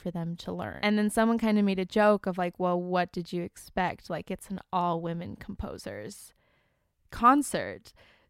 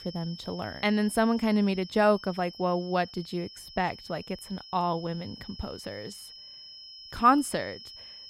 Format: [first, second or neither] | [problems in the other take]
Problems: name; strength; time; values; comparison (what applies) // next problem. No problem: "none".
first | high-pitched whine; noticeable; throughout; 5 kHz, 15 dB below the speech